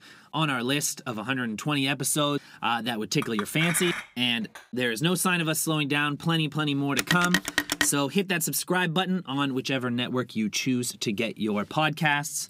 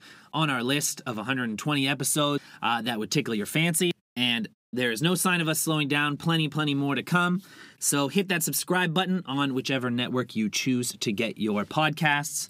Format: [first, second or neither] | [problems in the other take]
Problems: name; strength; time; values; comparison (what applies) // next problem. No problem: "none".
second | clattering dishes; noticeable; from 3 to 4.5 s; peak 4 dB below the speech // phone ringing; loud; at 7 s; peak 1 dB above the speech